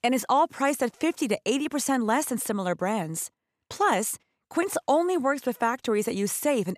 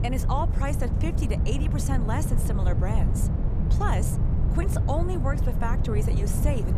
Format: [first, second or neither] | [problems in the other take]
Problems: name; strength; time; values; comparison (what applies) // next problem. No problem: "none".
first | wind noise on the microphone; heavy; 5 dB below the speech